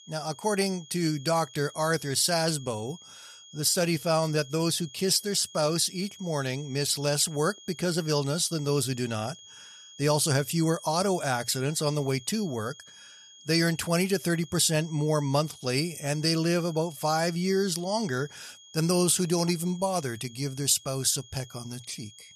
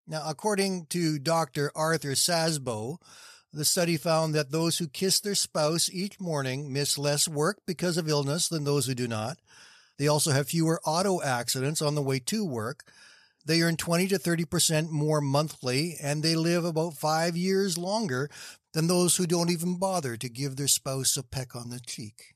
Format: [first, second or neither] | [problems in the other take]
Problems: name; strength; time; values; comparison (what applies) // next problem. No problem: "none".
second | high-pitched whine; faint; throughout; 3.5 kHz, 20 dB below the speech